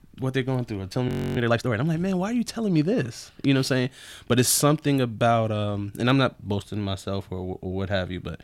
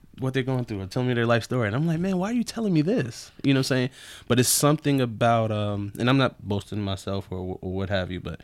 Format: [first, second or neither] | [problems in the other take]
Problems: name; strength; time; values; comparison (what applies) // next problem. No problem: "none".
second | audio freezing; at 1 s